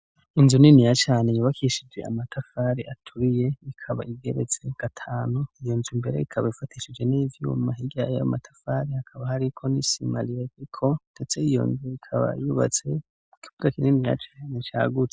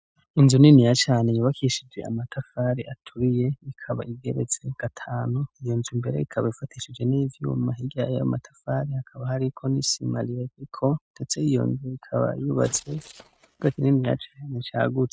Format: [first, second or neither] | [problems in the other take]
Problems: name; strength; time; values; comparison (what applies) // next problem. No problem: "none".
first | noise reduction (neural mask model RNNoise)